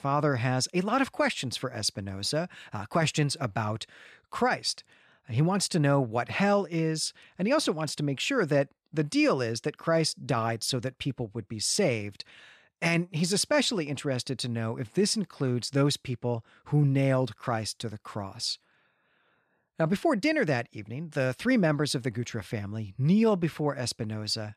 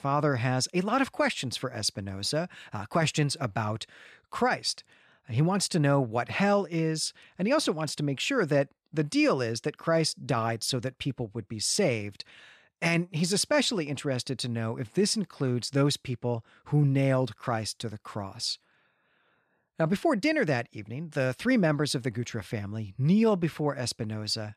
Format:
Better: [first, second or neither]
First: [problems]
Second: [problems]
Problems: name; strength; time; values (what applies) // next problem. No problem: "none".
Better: neither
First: none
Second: none